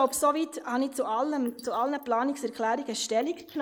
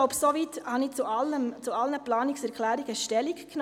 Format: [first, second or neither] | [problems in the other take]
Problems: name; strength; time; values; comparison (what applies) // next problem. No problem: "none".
second | noise reduction (neural mask model Resemble Enhance denoiser)